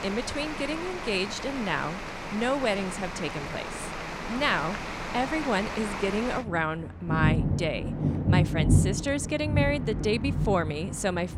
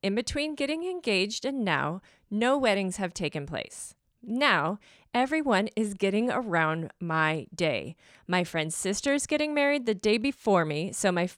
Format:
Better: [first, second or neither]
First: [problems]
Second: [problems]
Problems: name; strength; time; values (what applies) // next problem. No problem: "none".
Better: second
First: rain or running water; loud; throughout; 1 dB below the speech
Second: none